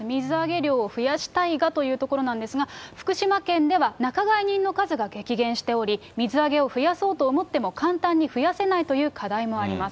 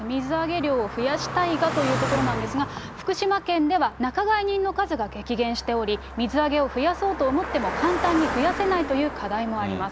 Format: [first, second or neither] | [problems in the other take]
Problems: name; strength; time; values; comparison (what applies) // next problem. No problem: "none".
first | background sound (Car passing by); 8 dB below the speech